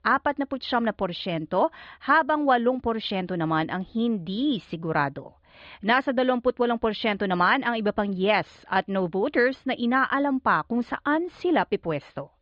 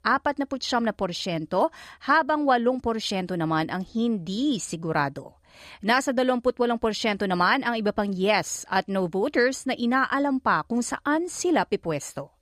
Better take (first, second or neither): second